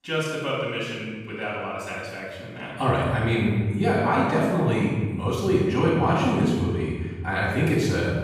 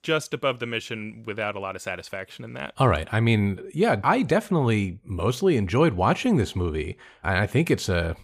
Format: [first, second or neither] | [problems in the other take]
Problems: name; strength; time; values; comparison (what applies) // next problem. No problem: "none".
second | off-mic speech; far // room echo; strong; dies away in 1.3 s